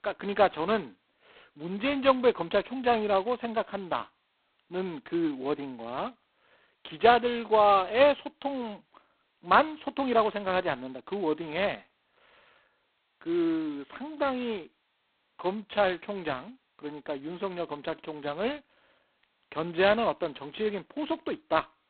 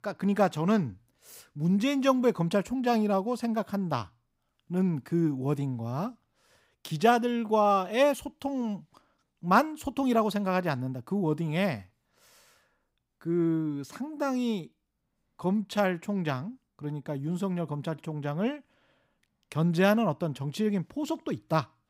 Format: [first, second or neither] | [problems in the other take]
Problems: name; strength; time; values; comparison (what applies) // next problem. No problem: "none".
second | phone-call audio; poor line; nothing above 4 kHz